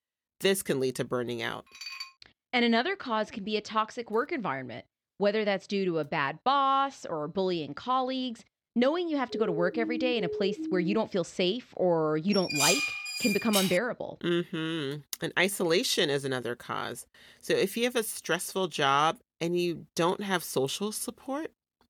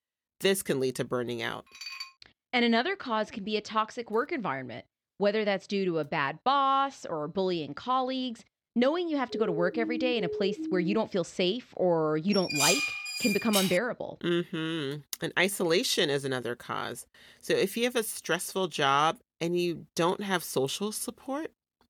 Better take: neither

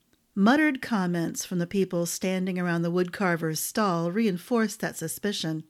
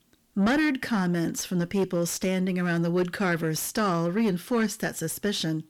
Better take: first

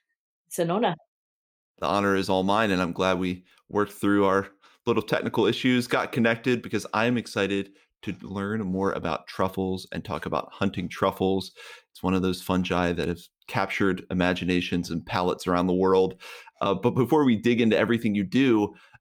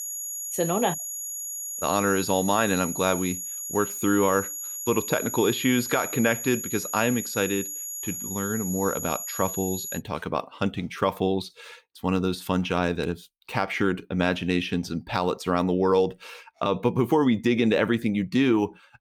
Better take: first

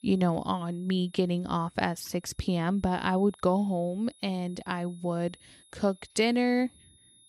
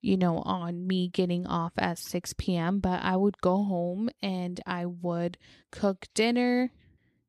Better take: second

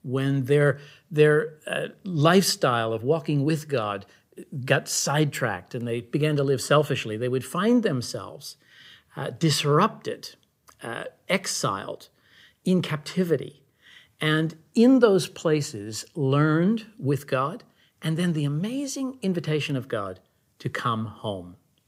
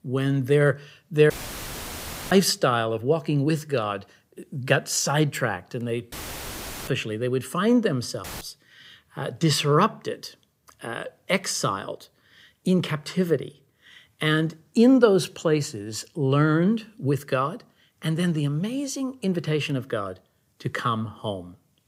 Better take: first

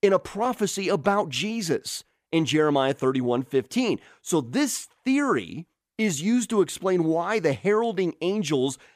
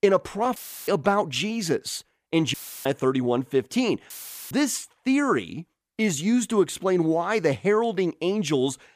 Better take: first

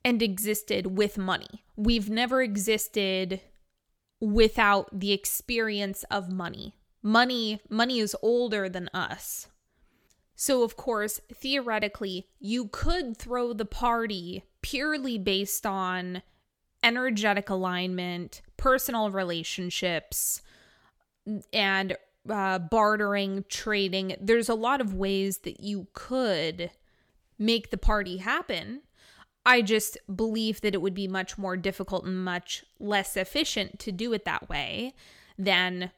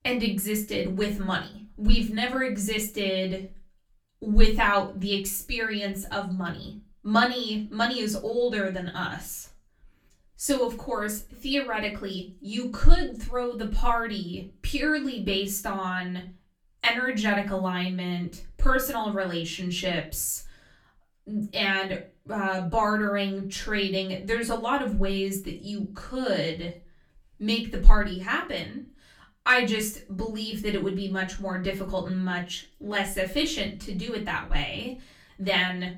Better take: first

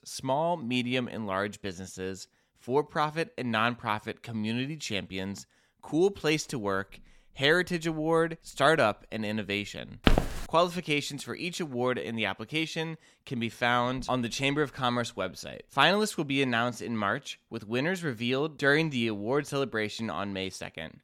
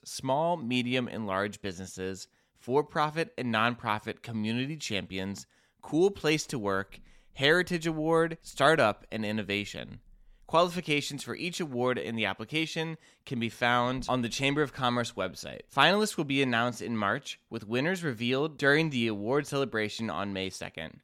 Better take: second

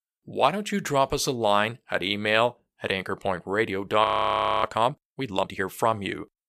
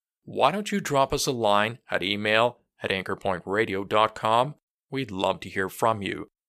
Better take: second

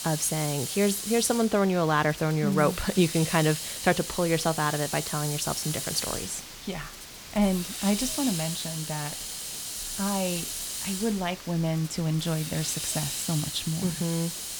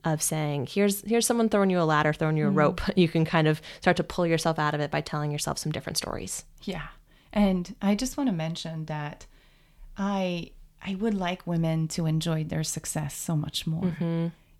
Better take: second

